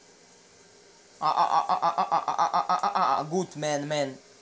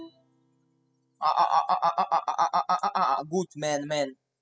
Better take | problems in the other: first | noise reduction (classical method spectral subtraction)

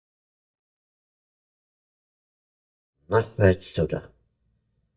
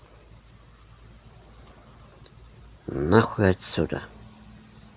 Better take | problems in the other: second | noise reduction (neural mask model DeepFilterNet 3)

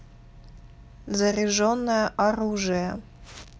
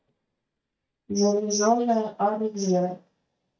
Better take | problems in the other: first | noise reduction (neural mask model DeepFilterNet 3)

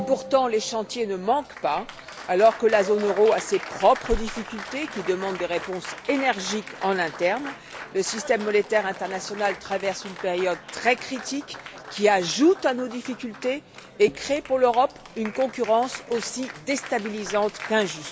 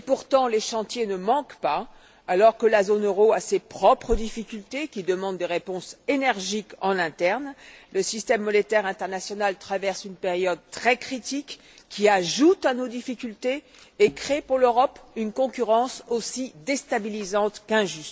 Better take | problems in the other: second | background sound (Applause); 14 dB below the speech

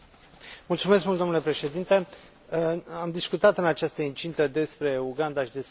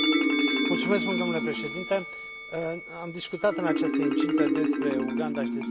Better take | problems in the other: first | background sound (Musical instrument + Marimba, xylophone); 4 dB above the speech

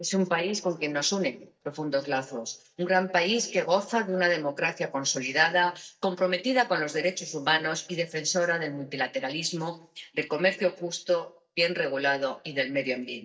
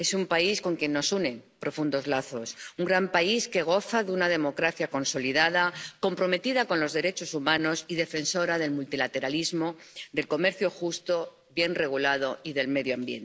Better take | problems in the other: second | noise reduction (neural mask model DeepFilterNet 3)

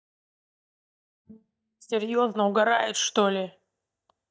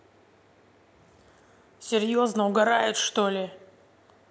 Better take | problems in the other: second | noise reduction (neural mask model DeepFilterNet 3)

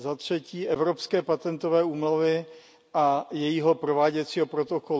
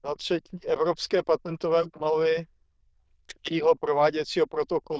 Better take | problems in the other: first | noise reduction (neural diffusion model UNIVERSE++)

